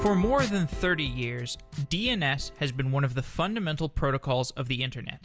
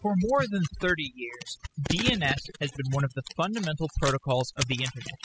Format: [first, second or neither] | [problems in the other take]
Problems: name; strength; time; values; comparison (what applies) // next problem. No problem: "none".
first | noise reduction (classical method spectral subtraction)